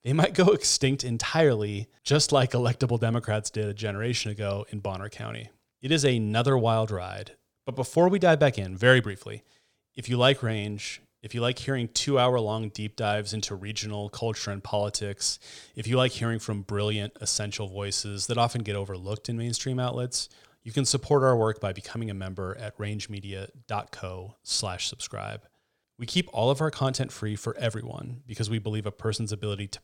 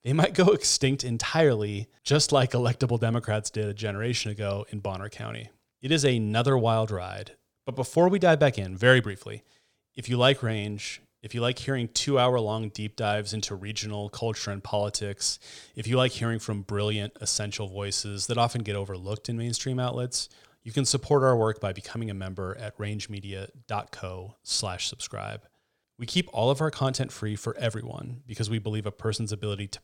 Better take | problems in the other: neither | none

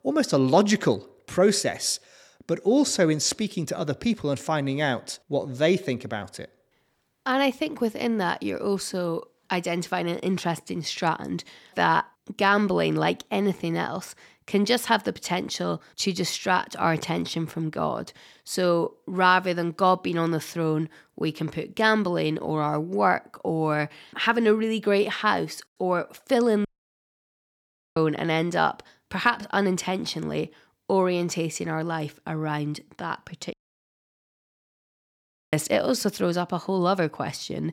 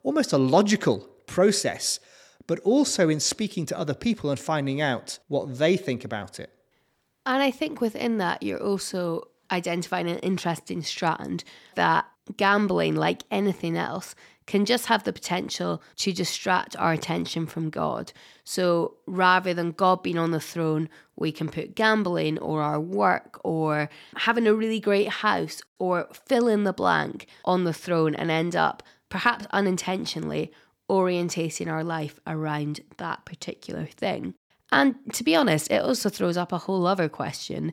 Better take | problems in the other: second | audio cutting out; at 27 s for 1.5 s and at 34 s for 2 s

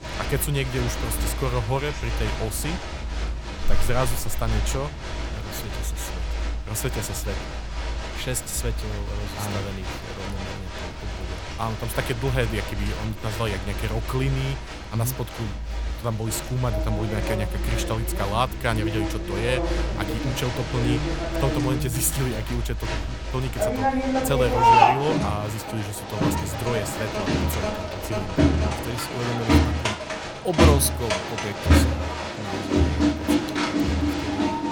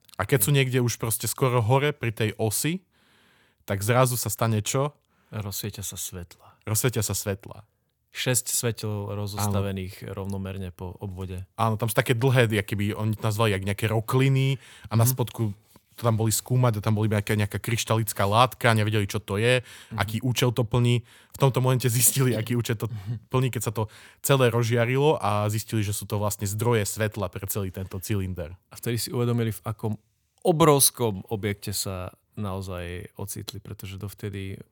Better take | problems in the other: second | crowd noise; very loud; throughout; 2 dB above the speech

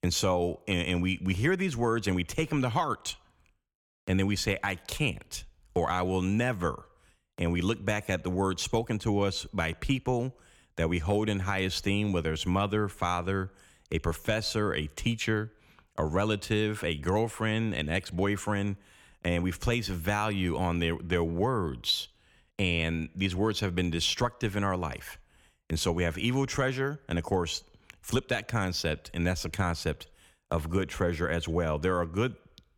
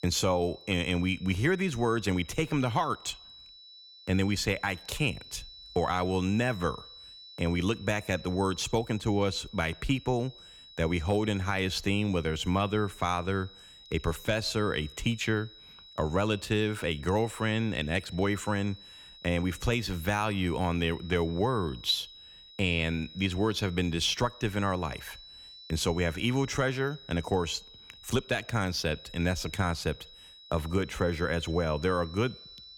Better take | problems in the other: first | high-pitched whine; noticeable; throughout; 4 kHz, 20 dB below the speech

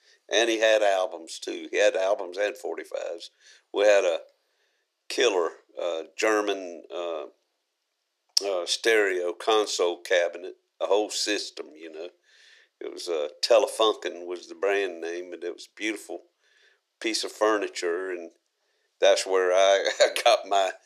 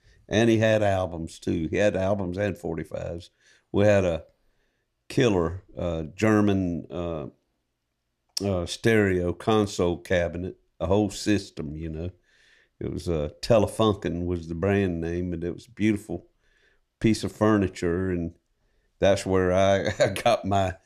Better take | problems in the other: second | thin; very; fading below 400 Hz

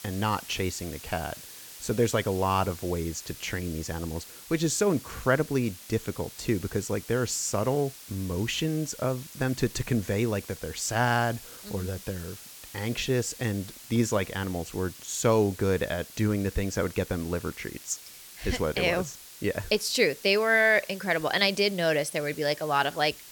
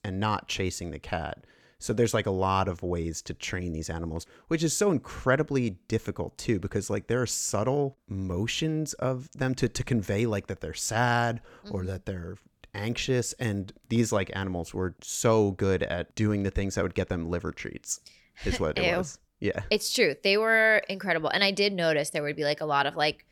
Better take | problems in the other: second | hiss; noticeable; throughout; 15 dB below the speech

